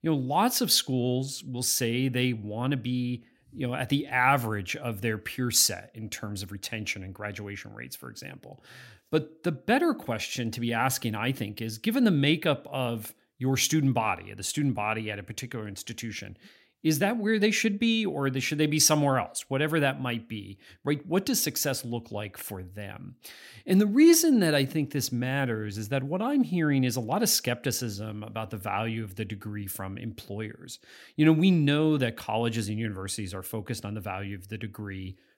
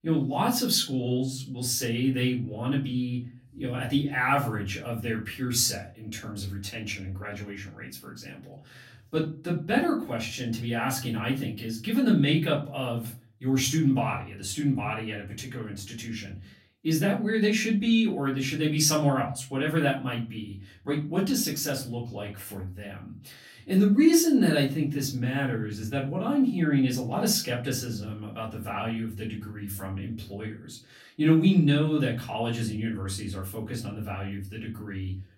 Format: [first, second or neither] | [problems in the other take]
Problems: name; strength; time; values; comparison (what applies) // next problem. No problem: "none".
first | off-mic speech; far // room echo; very slight; dies away in 0.3 s